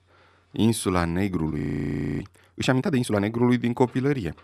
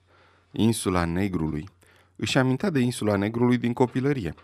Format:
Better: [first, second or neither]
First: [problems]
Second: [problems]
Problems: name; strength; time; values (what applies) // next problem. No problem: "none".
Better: second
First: audio freezing; at 1.5 s for 0.5 s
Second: none